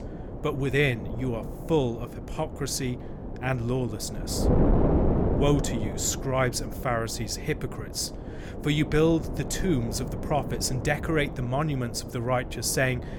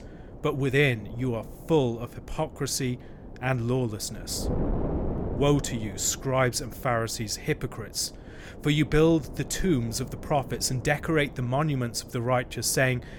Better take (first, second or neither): second